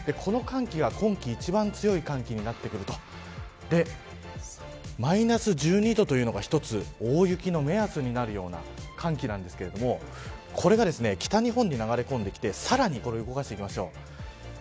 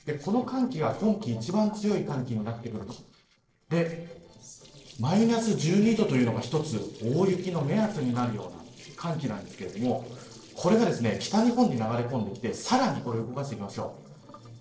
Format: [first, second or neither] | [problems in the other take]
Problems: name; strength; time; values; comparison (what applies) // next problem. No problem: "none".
first | noise reduction (neural separator model SepFormer DNS4)